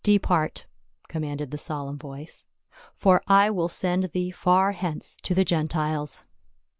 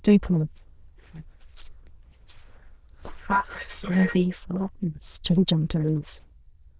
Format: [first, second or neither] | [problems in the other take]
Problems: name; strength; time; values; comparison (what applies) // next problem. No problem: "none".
first | noise reduction (neural diffusion model UNIVERSE++)